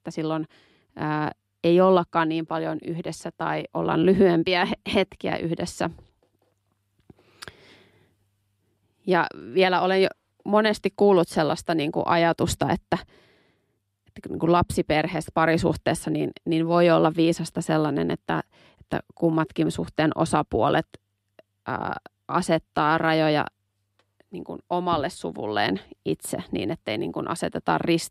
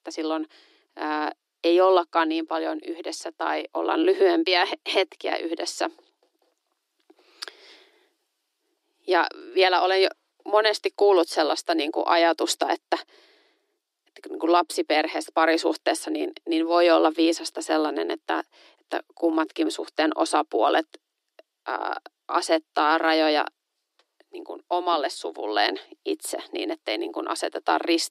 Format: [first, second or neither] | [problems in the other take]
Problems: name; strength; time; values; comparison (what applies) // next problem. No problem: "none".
first | thin; very; fading below 300 Hz